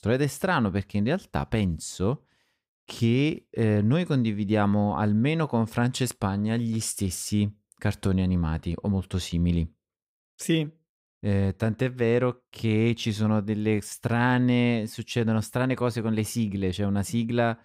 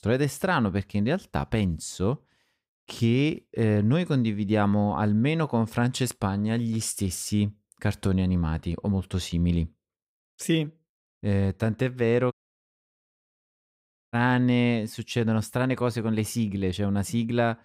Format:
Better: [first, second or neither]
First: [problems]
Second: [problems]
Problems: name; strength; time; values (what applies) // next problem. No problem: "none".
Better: first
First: none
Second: audio cutting out; at 12 s for 2 s